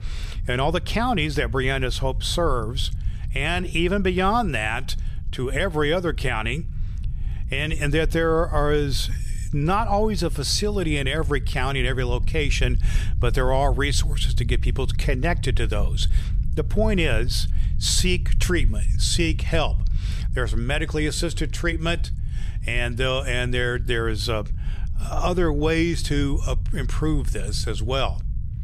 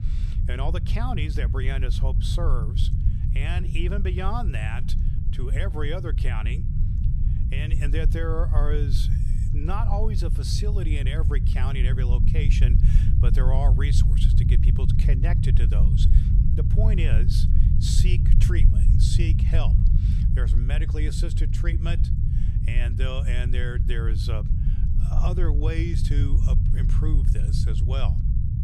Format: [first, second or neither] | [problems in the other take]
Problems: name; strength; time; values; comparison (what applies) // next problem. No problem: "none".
first | low rumble; loud; throughout; 4 dB below the speech; faint in the first